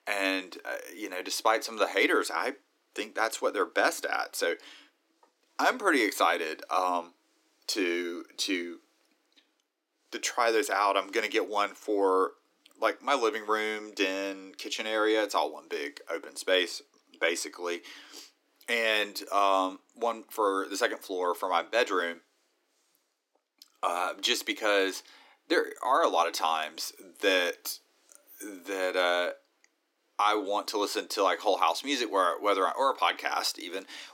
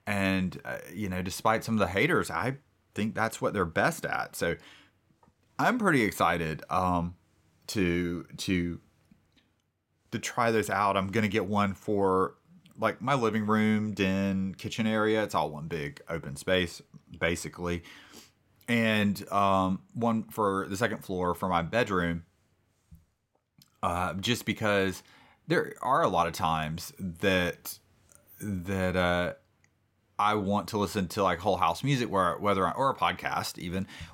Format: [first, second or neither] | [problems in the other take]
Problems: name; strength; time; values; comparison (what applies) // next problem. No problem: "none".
second | thin; somewhat; fading below 300 Hz